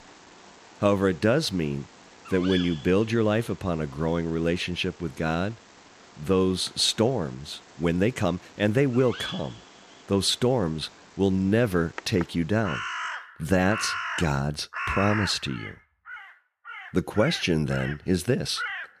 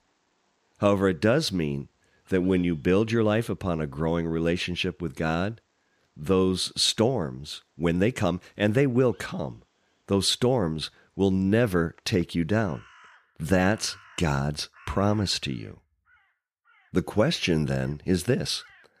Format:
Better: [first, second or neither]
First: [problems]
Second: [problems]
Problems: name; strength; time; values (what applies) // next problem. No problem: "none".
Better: second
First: animal sounds; loud; throughout; 9 dB below the speech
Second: animal sounds; faint; throughout; 30 dB below the speech